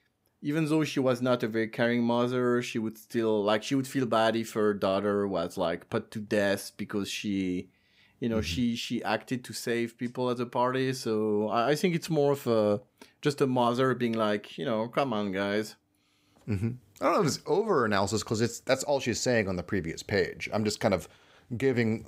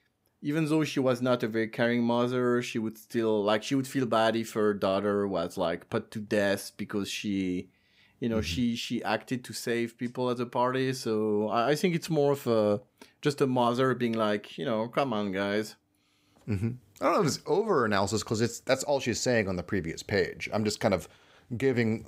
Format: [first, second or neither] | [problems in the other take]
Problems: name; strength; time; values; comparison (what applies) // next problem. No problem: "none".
neither | none